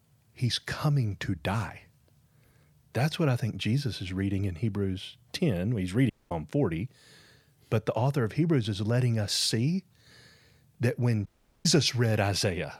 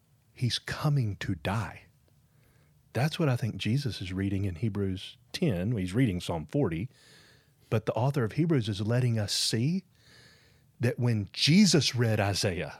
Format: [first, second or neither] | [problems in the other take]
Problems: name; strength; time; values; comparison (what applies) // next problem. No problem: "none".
second | audio cutting out; at 6 s and at 11 s